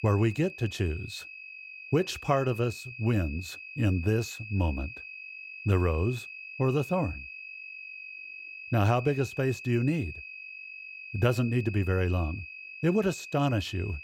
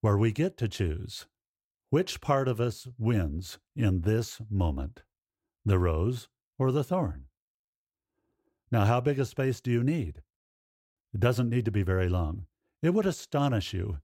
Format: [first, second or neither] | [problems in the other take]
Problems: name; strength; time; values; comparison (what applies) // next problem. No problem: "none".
second | high-pitched whine; noticeable; throughout; 2.5 kHz, 10 dB below the speech